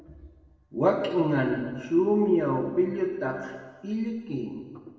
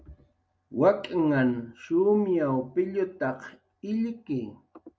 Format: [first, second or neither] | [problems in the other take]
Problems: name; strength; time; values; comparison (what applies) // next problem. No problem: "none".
second | room echo; dies away in 1.3 s